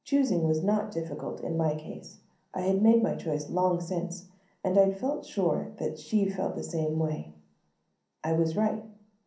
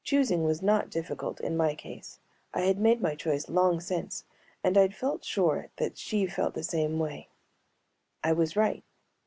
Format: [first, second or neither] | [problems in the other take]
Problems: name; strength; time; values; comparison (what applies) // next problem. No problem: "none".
second | room echo; dies away in 0.6 s